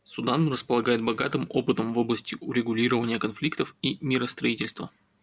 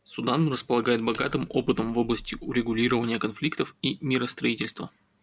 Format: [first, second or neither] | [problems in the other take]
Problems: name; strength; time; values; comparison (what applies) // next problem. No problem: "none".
first | background sound (Cutlery, silverware); 20 dB below the speech